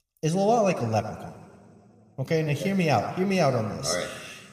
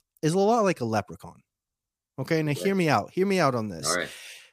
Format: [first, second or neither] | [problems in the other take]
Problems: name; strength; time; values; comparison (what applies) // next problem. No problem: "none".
second | room echo; slight; dies away in 2 s